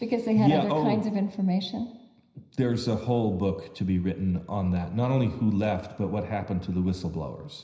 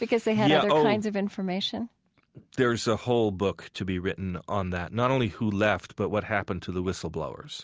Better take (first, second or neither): second